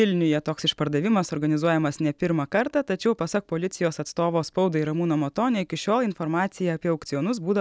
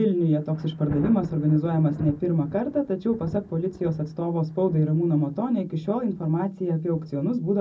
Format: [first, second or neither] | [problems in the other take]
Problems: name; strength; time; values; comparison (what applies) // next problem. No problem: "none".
first | background sound (Thunder); 16 dB below the speech // room echo; dies away in 0.4 s